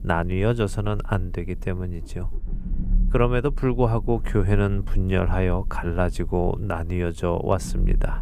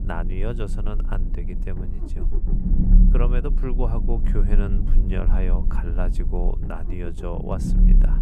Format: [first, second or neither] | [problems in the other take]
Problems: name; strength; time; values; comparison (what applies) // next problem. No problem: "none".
first | low rumble; loud; throughout; 5 dB below the speech; faint in the first